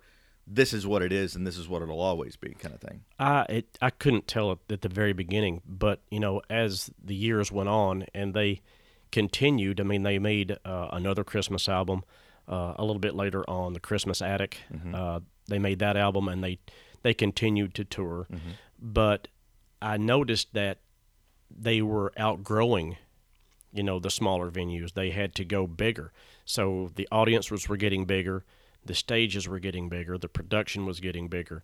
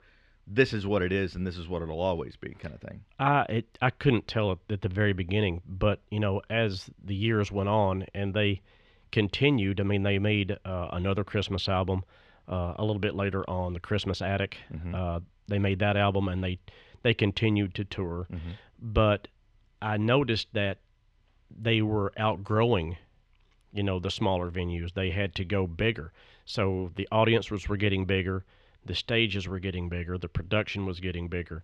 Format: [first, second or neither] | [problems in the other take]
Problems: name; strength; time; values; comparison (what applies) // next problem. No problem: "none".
first | muffled; very slightly; fading above 3 kHz